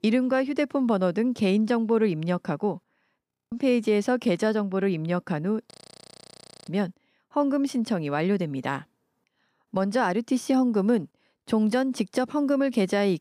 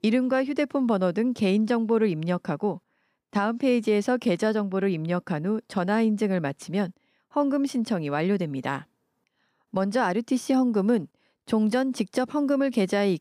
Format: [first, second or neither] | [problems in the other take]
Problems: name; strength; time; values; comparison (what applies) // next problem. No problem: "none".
second | audio freezing; at 3.5 s and at 5.5 s for 1 s